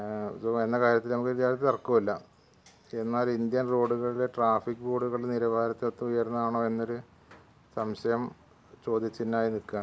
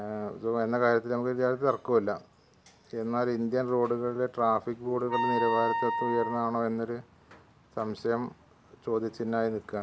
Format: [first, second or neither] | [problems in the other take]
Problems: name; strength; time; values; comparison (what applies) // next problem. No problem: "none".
first | background sound (Wind instrument, woodwind instrument); 4 dB below the speech